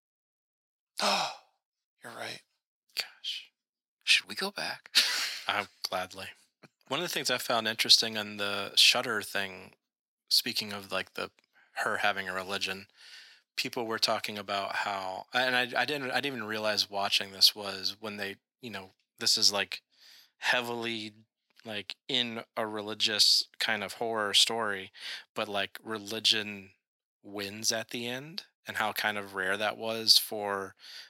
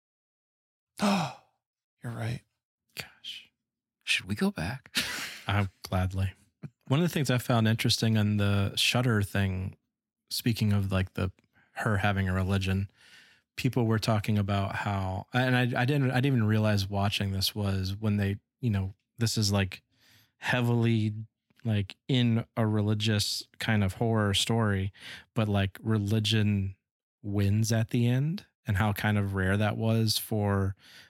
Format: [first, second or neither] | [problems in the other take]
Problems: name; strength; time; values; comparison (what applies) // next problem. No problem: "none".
second | thin; very; fading below 500 Hz